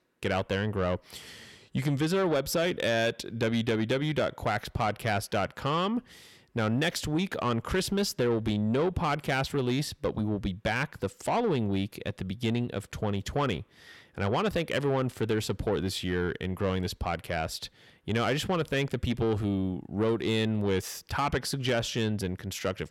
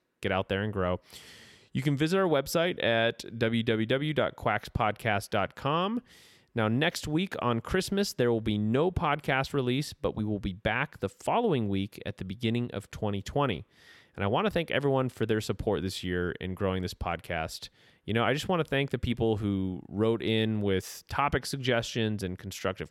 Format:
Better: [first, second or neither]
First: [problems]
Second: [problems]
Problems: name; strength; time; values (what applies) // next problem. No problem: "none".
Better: second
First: distortion; slight; 10 dB below the speech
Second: none